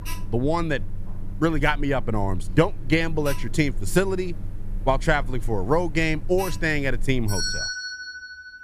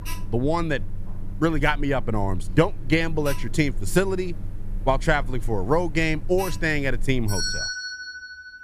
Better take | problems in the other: neither | alarms or sirens; loud; throughout; 9 dB below the speech; the same in both

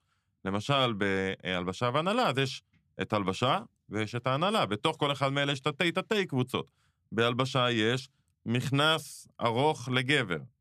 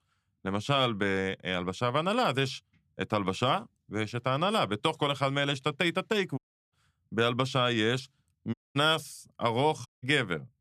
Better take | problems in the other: first | audio cutting out; at 6.5 s, at 8.5 s and at 10 s

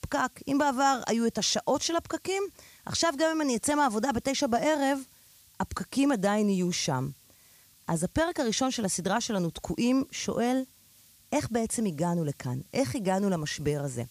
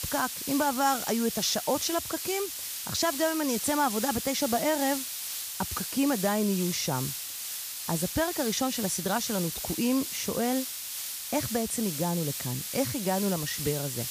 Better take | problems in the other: first | hiss; loud; throughout; 4 dB below the speech; faint in the first

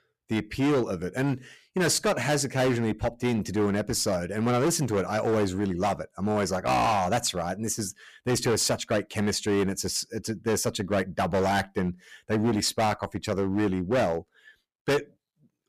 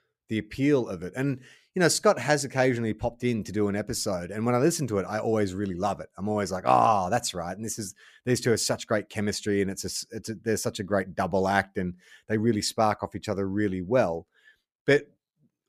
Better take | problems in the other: second | distortion; heavy; 12% of the sound clipped

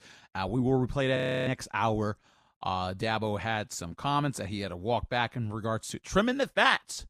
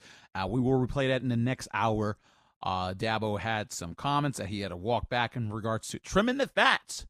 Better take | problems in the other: second | audio freezing; at 1 s

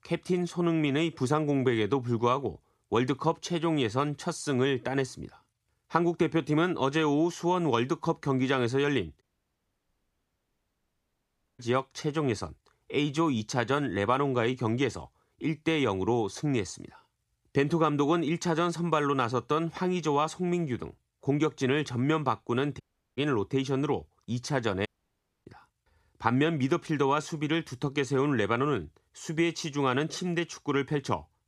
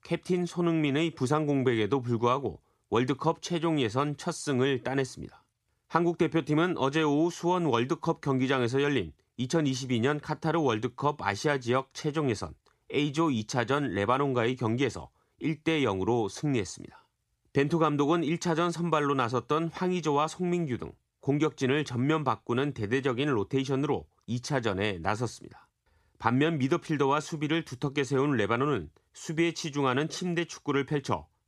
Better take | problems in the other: second | audio cutting out; at 9 s for 2.5 s, at 23 s and at 25 s for 0.5 s

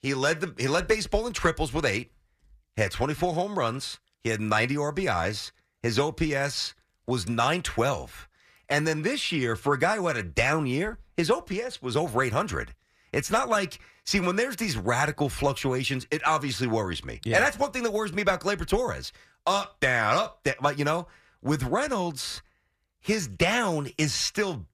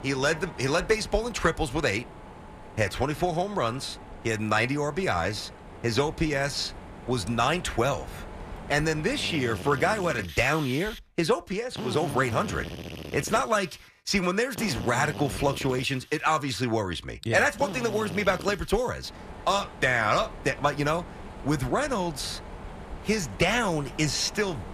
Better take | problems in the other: first | machinery noise; noticeable; throughout; 15 dB below the speech

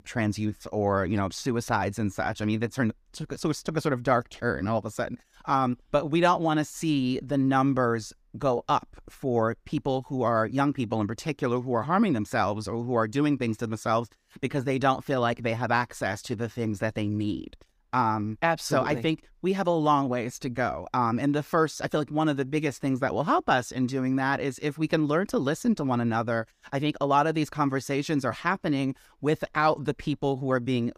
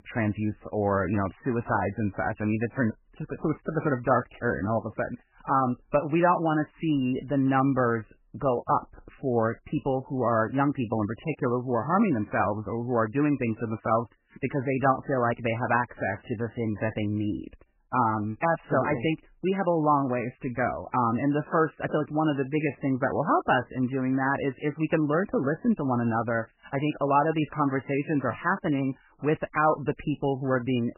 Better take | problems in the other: first | garbled, watery; badly; nothing above 3 kHz

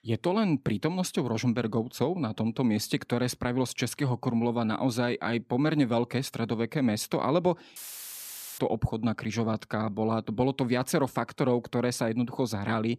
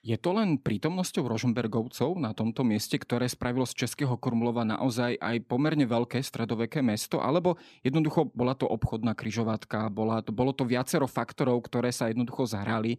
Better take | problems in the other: second | audio cutting out; filled with static; at 8 s for 1 s

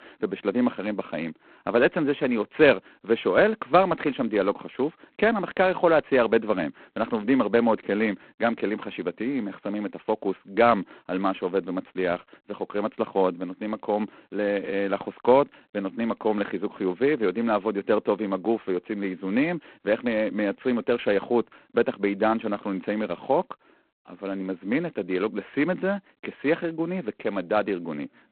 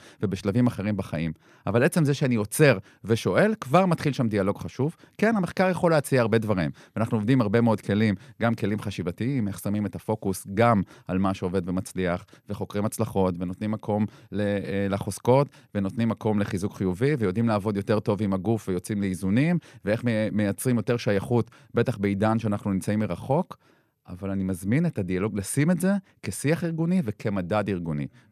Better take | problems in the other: second | phone-call audio; poor line; nothing above 4 kHz

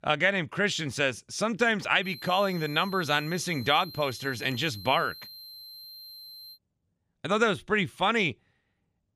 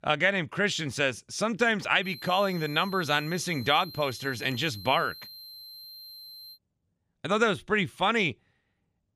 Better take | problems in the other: neither | high-pitched whine; noticeable; from 2 to 6.5 s; 4 kHz, 15 dB below the speech; the same in both

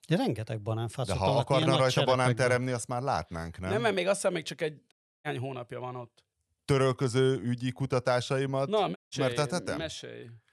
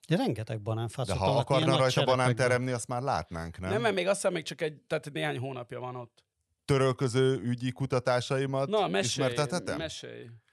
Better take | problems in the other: second | audio cutting out; at 5 s and at 9 s

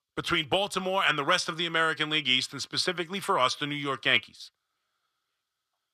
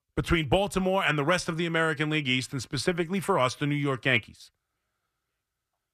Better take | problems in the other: second | thin; somewhat; fading below 350 Hz

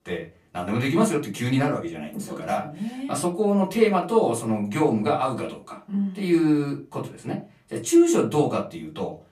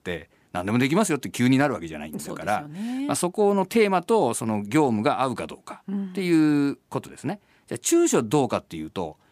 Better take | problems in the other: second | off-mic speech; far // room echo; very slight; dies away in 0.3 s

